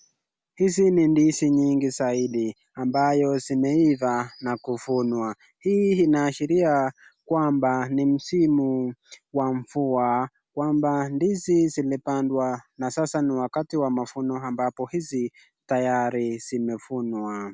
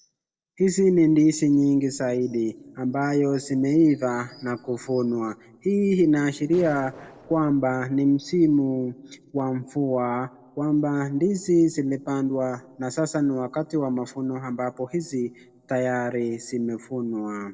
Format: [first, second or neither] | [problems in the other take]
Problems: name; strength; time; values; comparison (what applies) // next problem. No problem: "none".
first | noise reduction (neural separator model SepFormer DNS4)